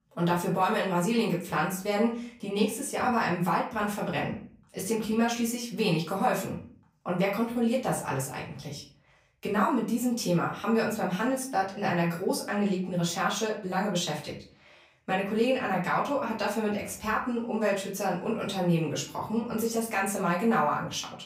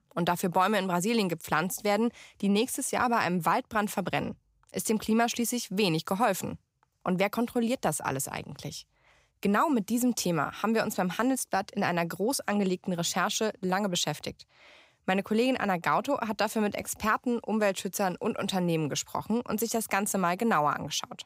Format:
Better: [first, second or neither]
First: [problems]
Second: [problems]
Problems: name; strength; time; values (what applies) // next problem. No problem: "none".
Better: second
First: off-mic speech; far // room echo; slight; dies away in 0.4 s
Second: none